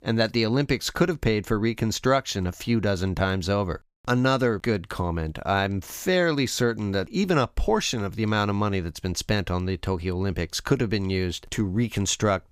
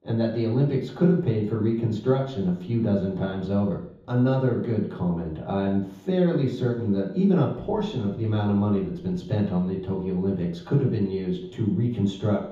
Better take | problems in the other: first | room echo; noticeable; dies away in 0.7 s // off-mic speech; far

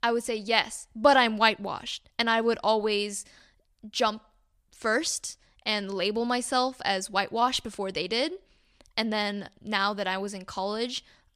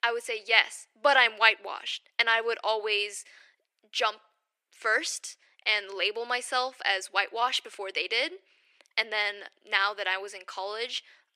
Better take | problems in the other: first | thin; very; fading below 350 Hz

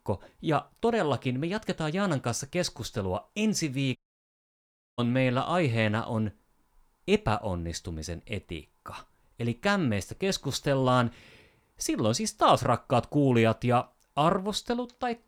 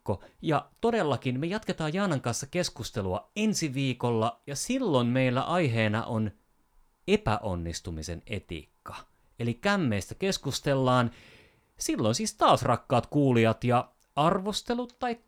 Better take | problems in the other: second | audio cutting out; at 4 s for 1 s

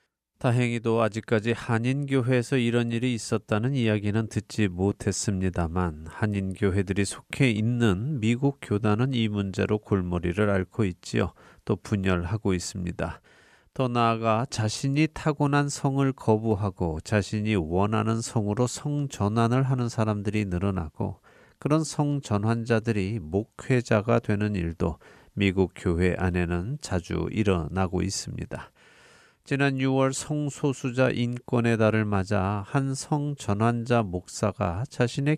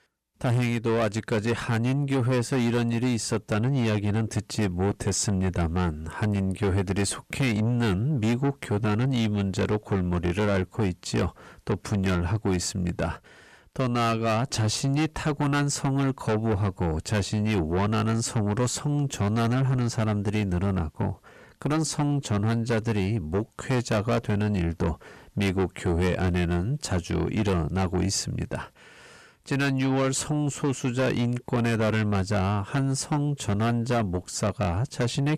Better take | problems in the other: first | distortion; heavy; 7 dB below the speech

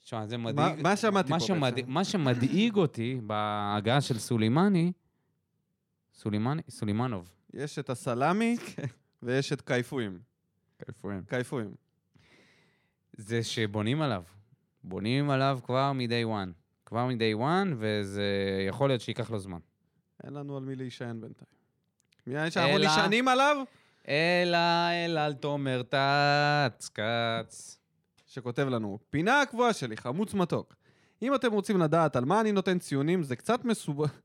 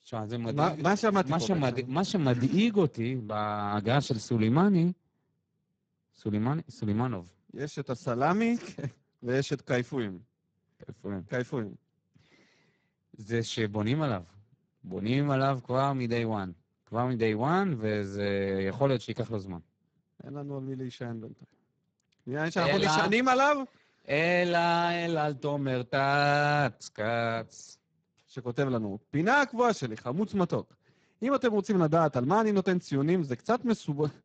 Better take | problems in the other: first | garbled, watery; badly; nothing above 7.5 kHz

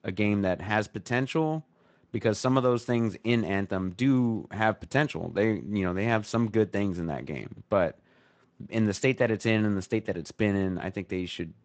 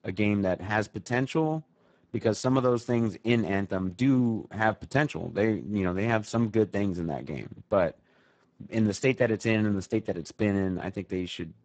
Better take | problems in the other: first | garbled, watery; badly; nothing above 8 kHz; slightly in the first

